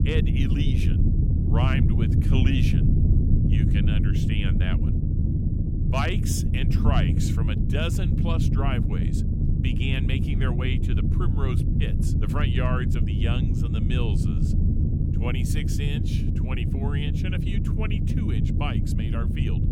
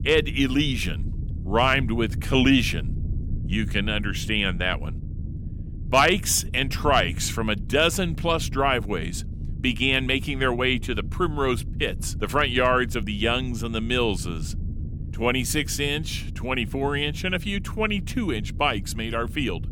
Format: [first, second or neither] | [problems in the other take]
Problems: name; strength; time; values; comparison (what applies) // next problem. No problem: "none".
second | low rumble; loud; throughout; 1 dB below the speech; faint in the second